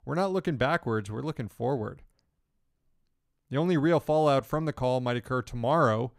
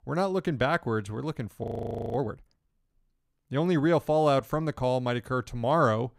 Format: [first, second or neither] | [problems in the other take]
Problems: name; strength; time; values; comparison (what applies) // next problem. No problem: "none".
first | audio freezing; at 1.5 s for 0.5 s